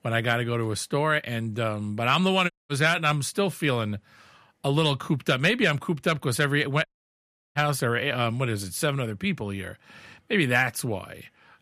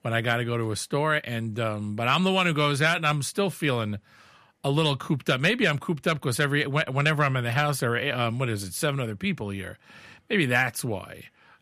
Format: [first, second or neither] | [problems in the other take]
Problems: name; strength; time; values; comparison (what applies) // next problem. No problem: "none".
second | audio cutting out; at 2.5 s and at 7 s for 0.5 s